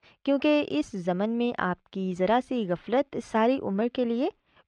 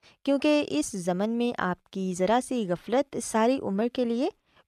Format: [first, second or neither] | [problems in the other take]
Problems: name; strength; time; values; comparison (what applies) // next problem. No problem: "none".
second | muffled; slightly; fading above 3 kHz